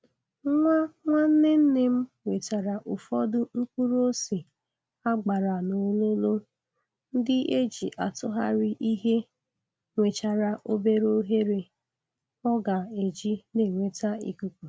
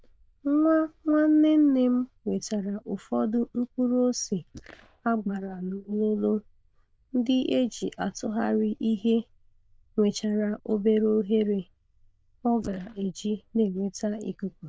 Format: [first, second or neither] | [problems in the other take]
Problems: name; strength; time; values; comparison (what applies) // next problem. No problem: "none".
first | noise reduction (neural diffusion model UNIVERSE++)